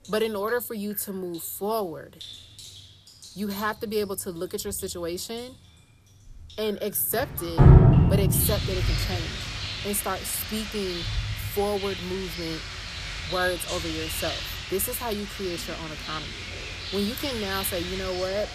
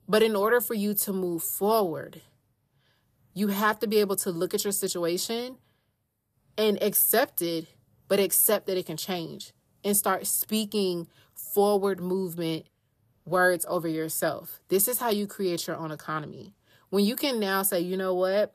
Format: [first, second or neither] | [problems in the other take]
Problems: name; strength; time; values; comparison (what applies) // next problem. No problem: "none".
second | rain or running water; very loud; throughout; 3 dB above the speech